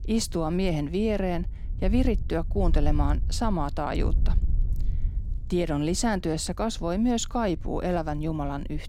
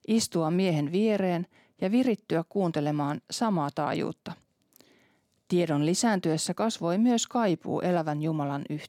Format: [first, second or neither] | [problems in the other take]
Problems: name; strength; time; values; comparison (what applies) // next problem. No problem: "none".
second | wind noise on the microphone; occasional gusts; 20 dB below the speech